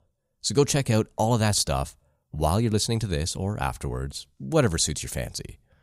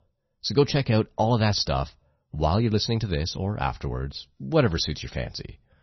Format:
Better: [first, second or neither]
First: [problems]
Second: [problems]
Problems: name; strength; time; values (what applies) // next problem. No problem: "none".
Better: first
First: none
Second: garbled, watery; slightly; nothing above 6 kHz